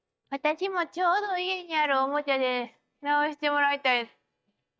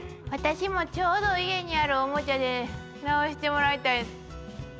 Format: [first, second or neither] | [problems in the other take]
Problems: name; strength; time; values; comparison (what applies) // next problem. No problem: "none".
second | noise reduction (neural mask model DeepFilterNet 3)